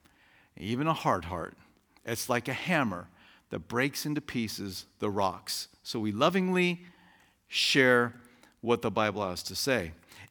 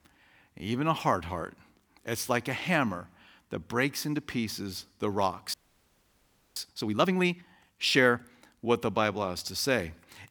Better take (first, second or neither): first